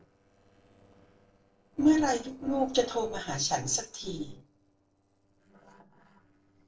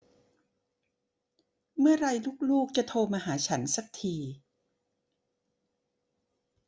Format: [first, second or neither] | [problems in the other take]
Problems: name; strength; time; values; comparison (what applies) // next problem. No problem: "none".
second | noise reduction (neural separator model SepFormer DNS4)